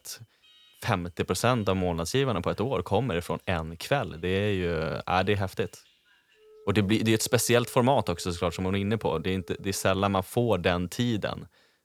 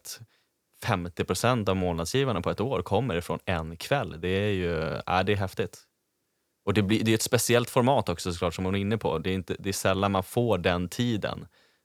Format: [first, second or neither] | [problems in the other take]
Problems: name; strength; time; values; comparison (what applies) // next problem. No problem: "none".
second | alarms or sirens; faint; throughout; 30 dB below the speech